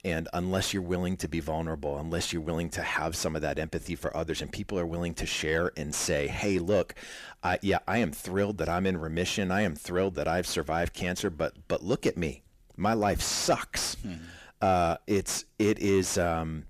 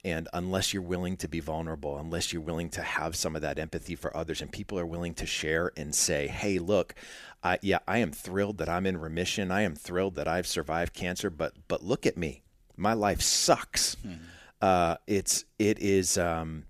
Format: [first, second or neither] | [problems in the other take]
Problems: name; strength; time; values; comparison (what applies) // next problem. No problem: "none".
second | distortion; slight; 10 dB below the speech